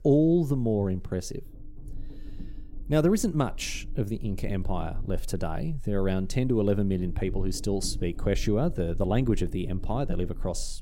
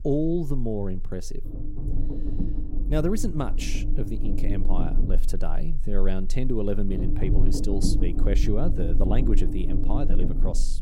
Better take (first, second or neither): first